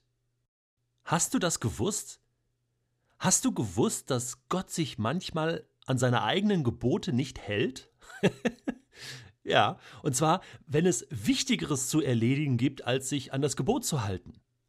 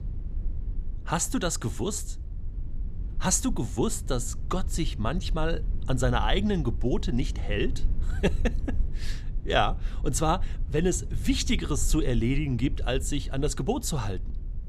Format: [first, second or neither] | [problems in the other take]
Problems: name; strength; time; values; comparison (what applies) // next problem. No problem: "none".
first | low rumble; faint; throughout; 20 dB below the speech